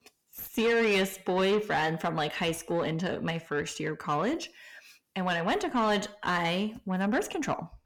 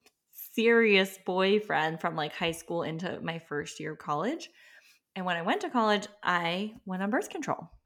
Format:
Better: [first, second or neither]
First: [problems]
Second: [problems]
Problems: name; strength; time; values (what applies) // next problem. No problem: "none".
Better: second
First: distortion; heavy; 7 dB below the speech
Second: none